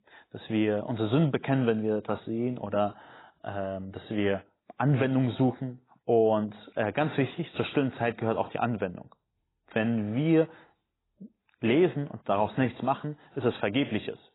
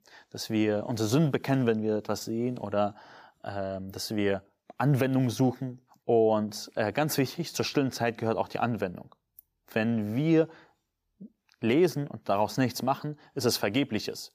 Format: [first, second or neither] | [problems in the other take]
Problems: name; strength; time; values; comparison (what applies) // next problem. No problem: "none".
second | garbled, watery; badly; nothing above 4 kHz